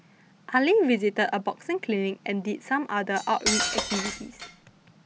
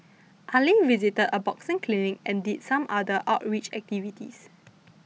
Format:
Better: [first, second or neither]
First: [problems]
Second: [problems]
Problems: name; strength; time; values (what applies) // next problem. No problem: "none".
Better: second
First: background sound (Cutlery, silverware); 4 dB below the speech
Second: none